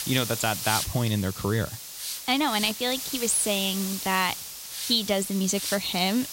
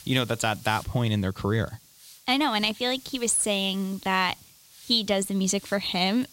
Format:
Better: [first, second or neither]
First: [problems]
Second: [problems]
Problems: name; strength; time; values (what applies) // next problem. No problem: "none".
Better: second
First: hiss; loud; throughout; 6 dB below the speech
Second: hiss; faint; throughout; 20 dB below the speech